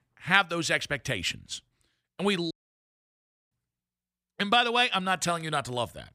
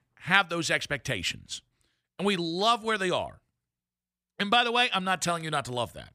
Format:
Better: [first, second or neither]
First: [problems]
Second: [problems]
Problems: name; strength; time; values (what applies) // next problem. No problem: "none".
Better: second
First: audio cutting out; at 2.5 s for 1 s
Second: none